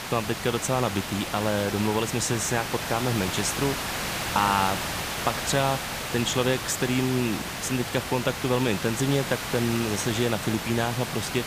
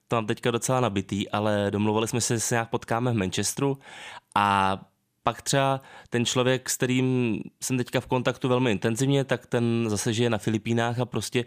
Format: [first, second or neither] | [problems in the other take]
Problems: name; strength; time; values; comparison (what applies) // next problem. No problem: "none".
second | hiss; loud; throughout; 4 dB below the speech